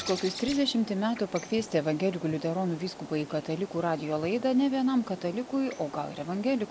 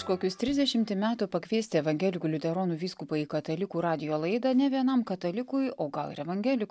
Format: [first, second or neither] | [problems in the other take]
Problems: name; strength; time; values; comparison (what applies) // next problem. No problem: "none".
second | background sound (Bird); 15 dB below the speech